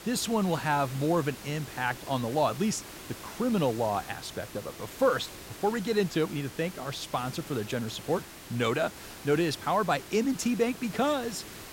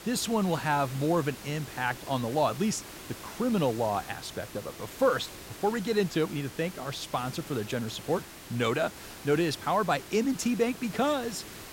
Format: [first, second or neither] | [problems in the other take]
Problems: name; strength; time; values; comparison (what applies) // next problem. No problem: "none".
neither | hiss; noticeable; throughout; 15 dB below the speech; the same in both